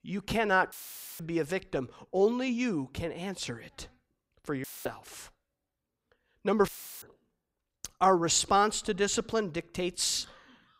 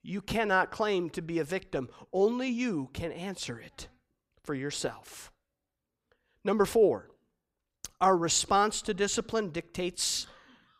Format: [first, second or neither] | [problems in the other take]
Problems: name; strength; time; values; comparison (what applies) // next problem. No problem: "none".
second | audio cutting out; filled with static; at 0.5 s, at 4.5 s and at 6.5 s